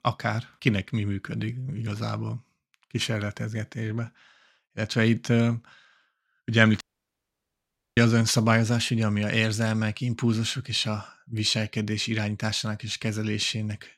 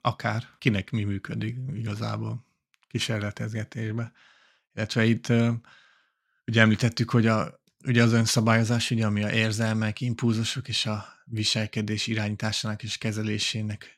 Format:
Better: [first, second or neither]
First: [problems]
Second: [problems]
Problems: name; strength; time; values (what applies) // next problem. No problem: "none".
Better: second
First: audio cutting out; at 7 s for 1 s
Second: none